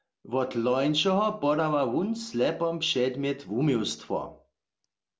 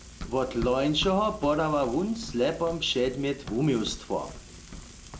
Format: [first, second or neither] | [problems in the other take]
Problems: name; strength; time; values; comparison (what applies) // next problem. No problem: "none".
first | background sound (Frying (food) + Run); 14 dB below the speech